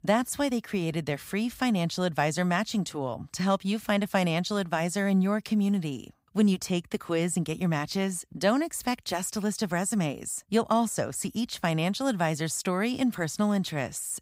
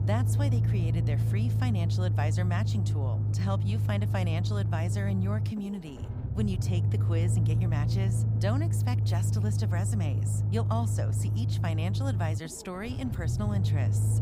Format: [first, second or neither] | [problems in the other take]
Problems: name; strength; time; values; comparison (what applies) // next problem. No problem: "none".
first | low rumble; loud; throughout; 3 dB below the speech